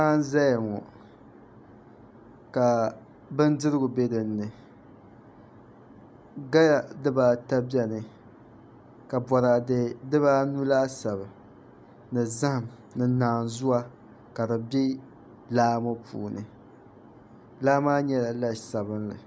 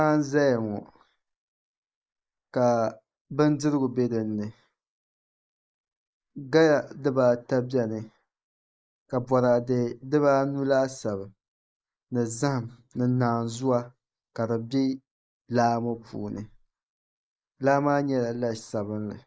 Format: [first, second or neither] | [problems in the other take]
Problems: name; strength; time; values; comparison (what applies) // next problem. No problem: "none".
first | noise reduction (neural mask model Resemble Enhance denoiser)